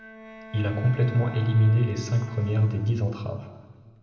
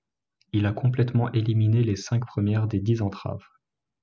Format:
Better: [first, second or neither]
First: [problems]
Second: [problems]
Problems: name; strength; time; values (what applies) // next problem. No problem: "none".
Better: second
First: background sound (Bowed string instrument); 18 dB below the speech // room echo; dies away in 1.6 s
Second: none